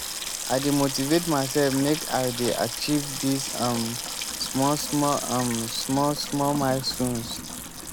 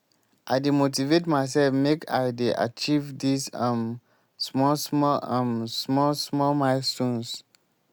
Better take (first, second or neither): second